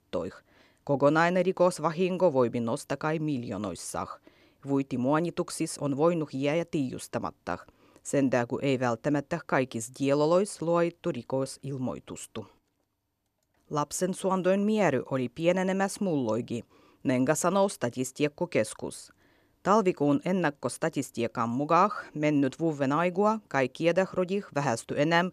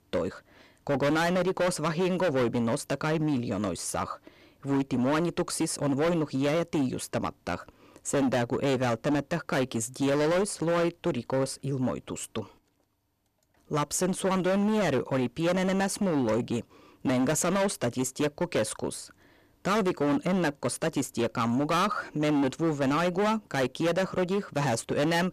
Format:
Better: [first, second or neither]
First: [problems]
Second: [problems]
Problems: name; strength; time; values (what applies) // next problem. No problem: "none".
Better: first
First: none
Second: distortion; heavy; 18% of the sound clipped